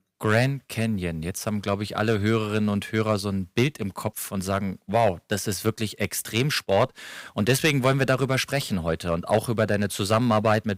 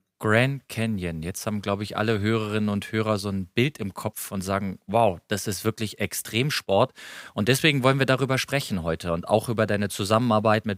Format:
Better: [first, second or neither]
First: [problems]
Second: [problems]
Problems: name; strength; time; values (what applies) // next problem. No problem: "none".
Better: second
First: distortion; slight; 1.8% of the sound clipped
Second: none